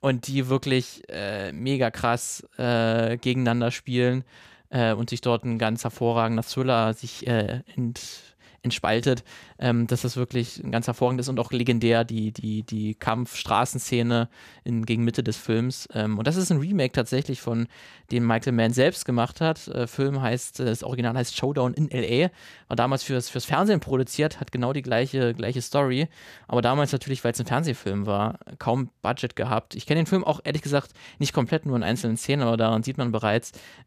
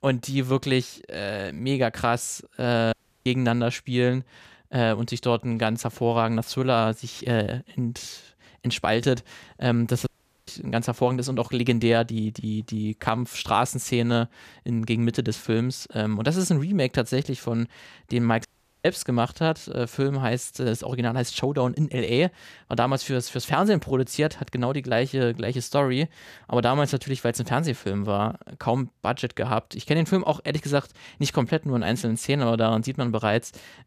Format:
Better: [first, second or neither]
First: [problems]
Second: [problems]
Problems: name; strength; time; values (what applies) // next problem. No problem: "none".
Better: first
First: none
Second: audio cutting out; at 3 s, at 10 s and at 18 s